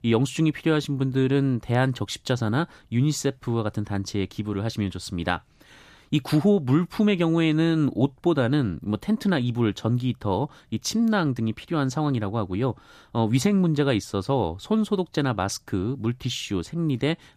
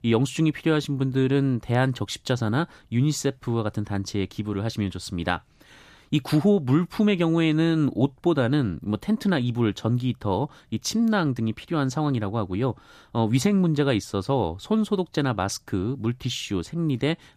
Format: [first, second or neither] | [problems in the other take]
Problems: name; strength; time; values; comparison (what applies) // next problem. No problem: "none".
neither | none